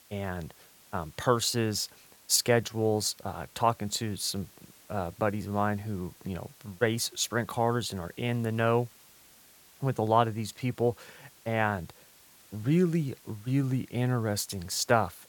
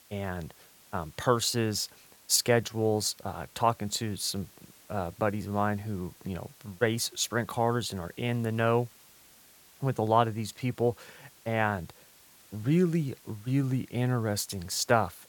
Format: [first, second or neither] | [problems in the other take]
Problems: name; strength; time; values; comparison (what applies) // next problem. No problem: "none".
neither | hiss; faint; throughout; 25 dB below the speech; the same in both